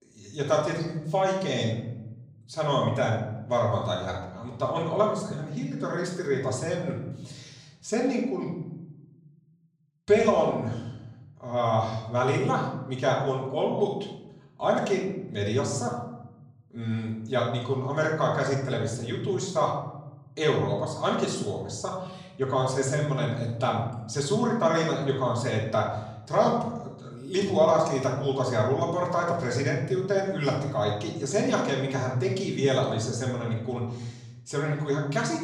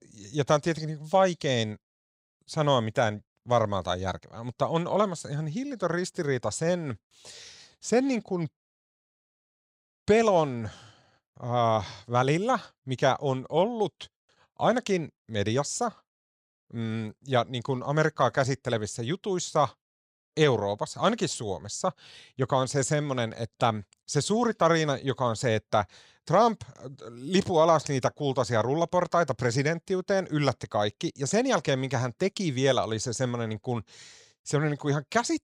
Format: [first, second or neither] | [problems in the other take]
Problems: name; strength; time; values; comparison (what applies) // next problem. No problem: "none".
second | off-mic speech; far // room echo; noticeable; dies away in 0.9 s